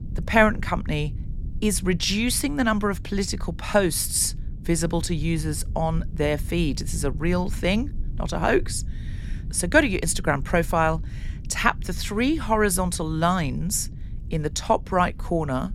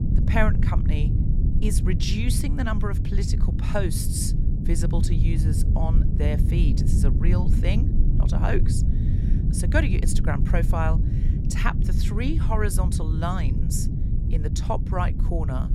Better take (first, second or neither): first